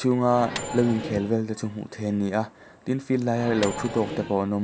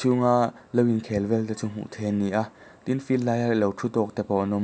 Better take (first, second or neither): second